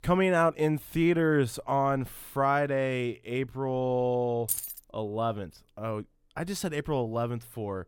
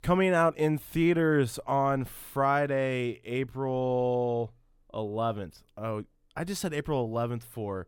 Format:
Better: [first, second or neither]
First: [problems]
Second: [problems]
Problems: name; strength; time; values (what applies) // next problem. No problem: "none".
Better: second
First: jangling keys; noticeable; at 4.5 s; peak 2 dB below the speech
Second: none